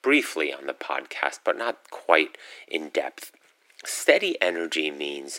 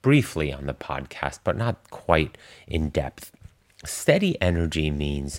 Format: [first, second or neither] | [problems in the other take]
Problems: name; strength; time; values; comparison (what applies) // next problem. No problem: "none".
second | thin; somewhat; fading below 300 Hz